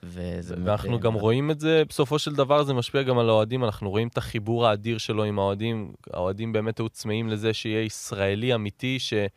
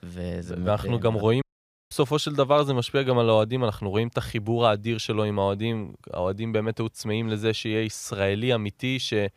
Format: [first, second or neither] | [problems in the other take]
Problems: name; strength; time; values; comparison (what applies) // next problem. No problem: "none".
first | audio cutting out; at 1.5 s